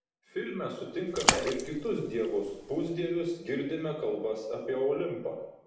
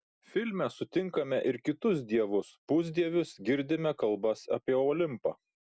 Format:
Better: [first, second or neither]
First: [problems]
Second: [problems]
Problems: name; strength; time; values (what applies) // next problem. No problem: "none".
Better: second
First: background sound (Splash, splatter); as loud as the speech // room echo; dies away in 0.8 s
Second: none